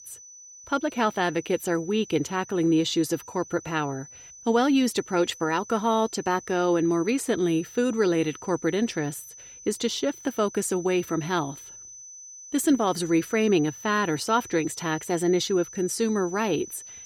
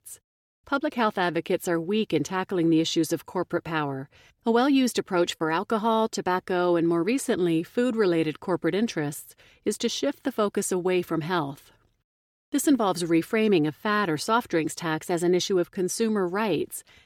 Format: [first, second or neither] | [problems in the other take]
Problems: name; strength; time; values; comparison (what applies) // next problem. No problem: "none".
second | high-pitched whine; noticeable; throughout; 6 kHz, 15 dB below the speech